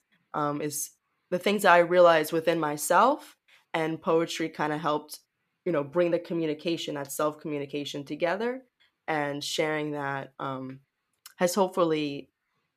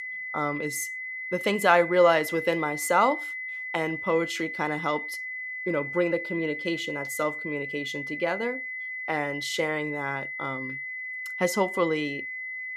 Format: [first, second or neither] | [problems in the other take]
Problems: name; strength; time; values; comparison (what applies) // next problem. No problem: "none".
first | high-pitched whine; loud; throughout; 2 kHz, 5 dB below the speech